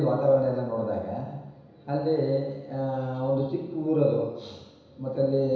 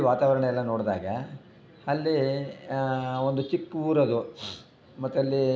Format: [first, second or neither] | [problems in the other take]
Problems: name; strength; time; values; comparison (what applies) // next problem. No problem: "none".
second | room echo; dies away in 1 s